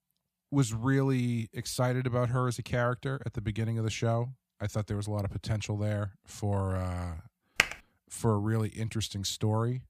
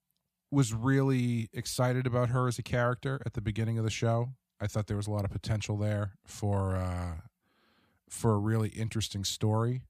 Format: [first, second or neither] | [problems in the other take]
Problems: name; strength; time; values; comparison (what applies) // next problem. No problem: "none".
second | keyboard typing; loud; at 7.5 s; peak 3 dB above the speech